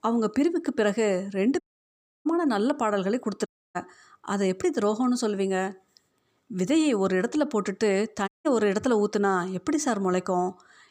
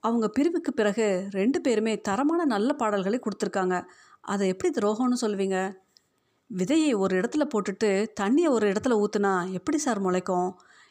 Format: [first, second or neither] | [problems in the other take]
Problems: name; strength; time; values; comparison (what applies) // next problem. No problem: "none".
second | audio cutting out; at 1.5 s for 0.5 s, at 3.5 s and at 8.5 s